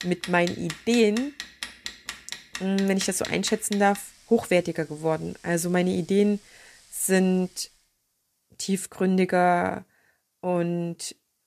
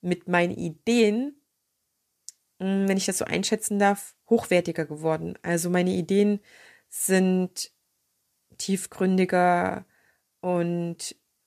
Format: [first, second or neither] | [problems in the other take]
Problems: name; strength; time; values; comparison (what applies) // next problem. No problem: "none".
second | household noises; noticeable; until 7.5 s; 10 dB below the speech